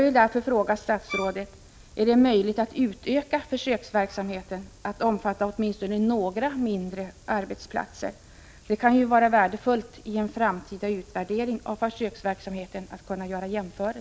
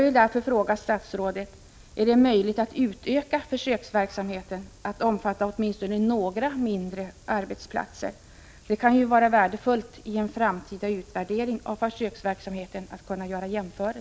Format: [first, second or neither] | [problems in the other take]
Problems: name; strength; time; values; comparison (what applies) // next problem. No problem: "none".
second | background sound (Bowed string instrument); 11 dB below the speech